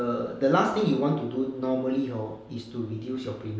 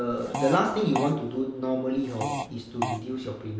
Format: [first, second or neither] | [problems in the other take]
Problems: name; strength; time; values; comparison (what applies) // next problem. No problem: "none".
first | background sound (Fart); 6 dB below the speech